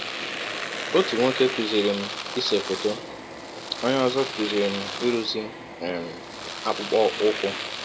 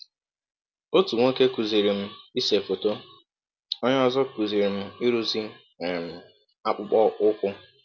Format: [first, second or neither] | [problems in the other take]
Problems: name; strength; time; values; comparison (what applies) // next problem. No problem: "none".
second | background sound (Domestic sounds, home sounds); 7 dB below the speech